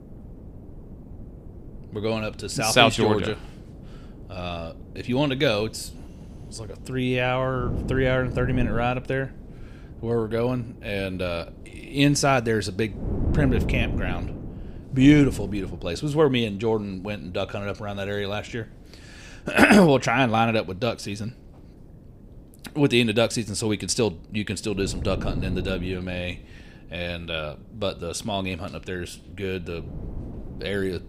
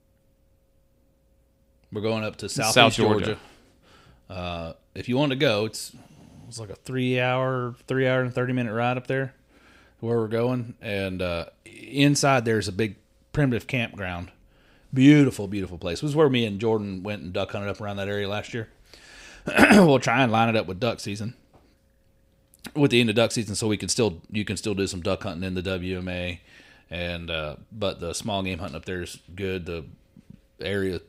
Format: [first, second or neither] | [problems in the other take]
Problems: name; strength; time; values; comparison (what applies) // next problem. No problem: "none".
second | wind noise on the microphone; occasional gusts; 20 dB below the speech